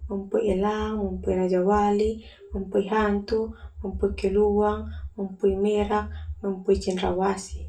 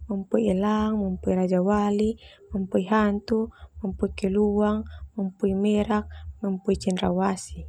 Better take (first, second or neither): second